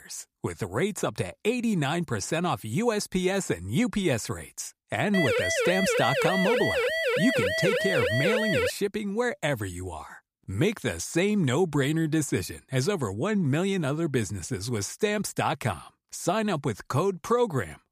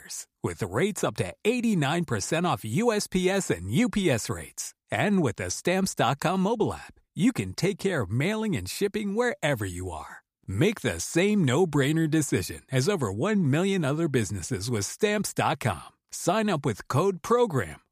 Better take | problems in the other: second | siren; loud; from 5 to 8.5 s; peak 3 dB above the speech

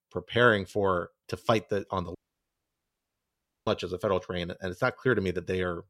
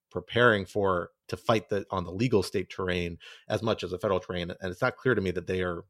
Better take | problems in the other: second | audio cutting out; at 2 s for 1.5 s

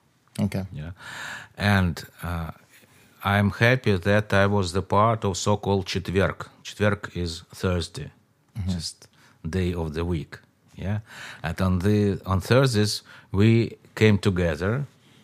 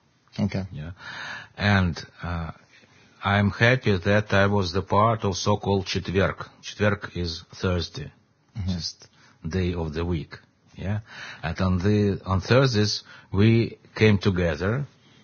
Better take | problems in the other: first | garbled, watery; badly; nothing above 6.5 kHz

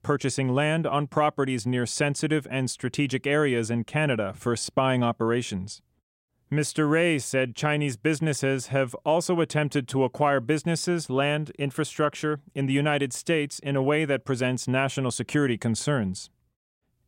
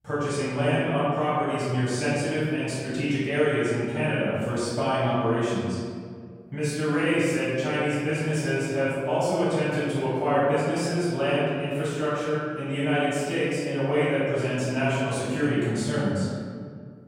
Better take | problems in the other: first | off-mic speech; far // room echo; strong; dies away in 1.9 s

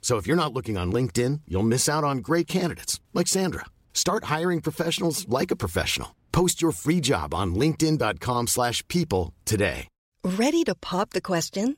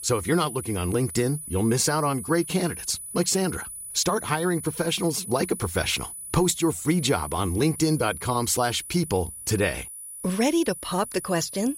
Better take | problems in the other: first | high-pitched whine; loud; throughout; 10 kHz, 10 dB below the speech

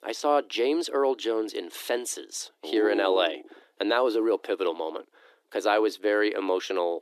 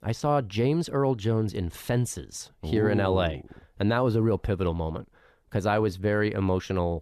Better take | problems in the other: second | thin; very; fading below 300 Hz

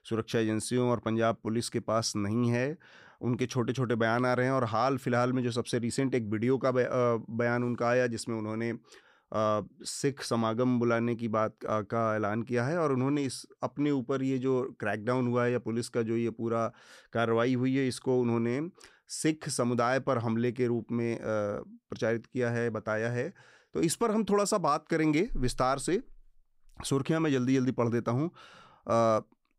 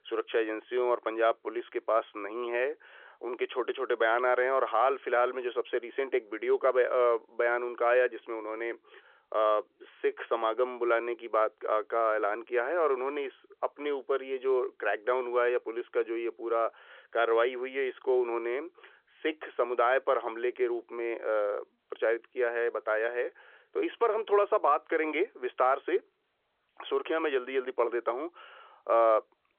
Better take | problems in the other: first | phone-call audio; nothing above 3.5 kHz

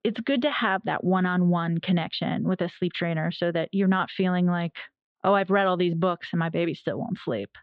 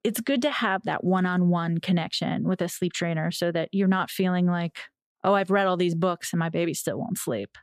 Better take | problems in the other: second | muffled; slightly; fading above 3.5 kHz

